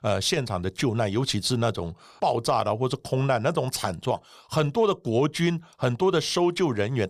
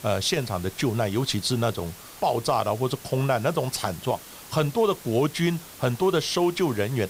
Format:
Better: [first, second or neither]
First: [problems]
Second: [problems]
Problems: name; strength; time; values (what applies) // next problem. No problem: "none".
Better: first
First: none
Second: hiss; noticeable; throughout; 15 dB below the speech